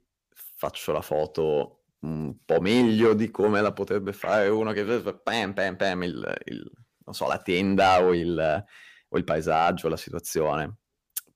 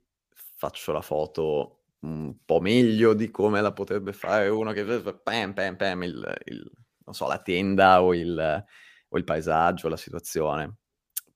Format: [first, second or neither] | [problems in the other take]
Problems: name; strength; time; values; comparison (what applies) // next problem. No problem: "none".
second | distortion; slight; 10 dB below the speech